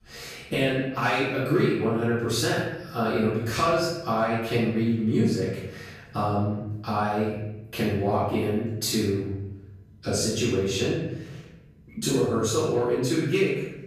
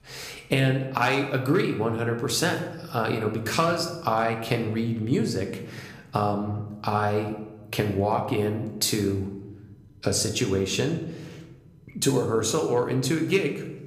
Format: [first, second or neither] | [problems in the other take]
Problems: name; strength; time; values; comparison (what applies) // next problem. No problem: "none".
second | room echo; strong; dies away in 0.9 s; slight in the second // off-mic speech; far